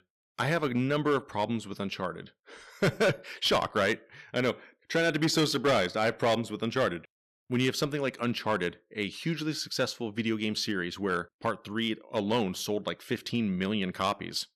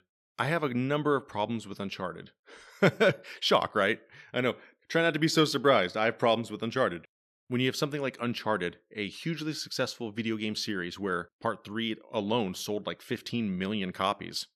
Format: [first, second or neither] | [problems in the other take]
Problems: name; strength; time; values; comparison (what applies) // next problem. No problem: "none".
second | distortion; slight; 4% of the sound clipped